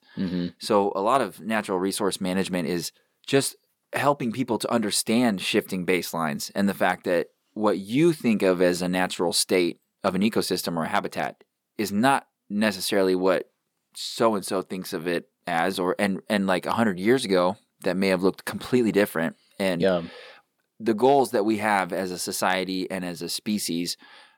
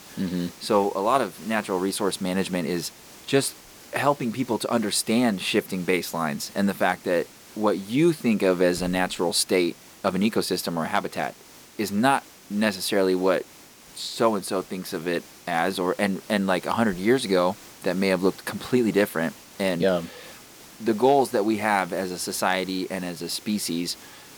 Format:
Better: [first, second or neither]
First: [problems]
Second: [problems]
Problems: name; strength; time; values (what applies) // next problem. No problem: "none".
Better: first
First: none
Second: hiss; faint; throughout; 20 dB below the speech